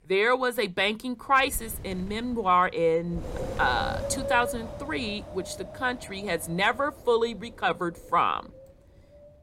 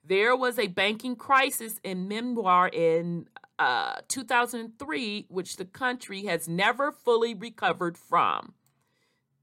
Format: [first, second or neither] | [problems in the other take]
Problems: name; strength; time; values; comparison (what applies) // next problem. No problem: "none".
second | wind noise on the microphone; occasional gusts; 15 dB below the speech